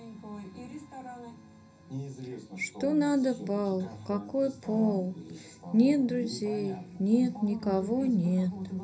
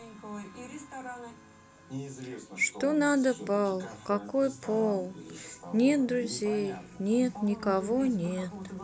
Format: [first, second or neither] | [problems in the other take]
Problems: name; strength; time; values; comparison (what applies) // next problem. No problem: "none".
second | room echo; dies away in 0.5 s